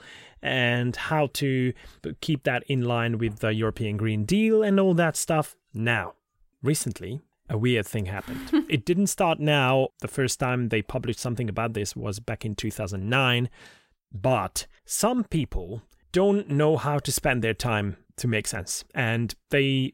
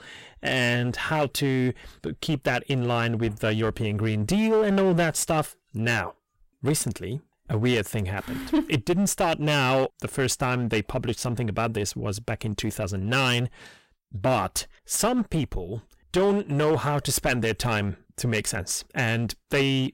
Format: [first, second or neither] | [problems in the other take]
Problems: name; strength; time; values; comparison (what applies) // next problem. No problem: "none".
first | distortion; slight; 10% of the sound clipped